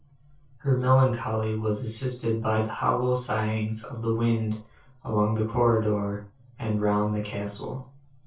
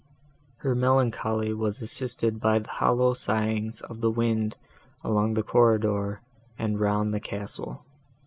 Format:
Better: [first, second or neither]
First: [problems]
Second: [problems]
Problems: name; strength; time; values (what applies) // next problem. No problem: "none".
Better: second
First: noise reduction (neural separator model SepFormer DNS4)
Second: none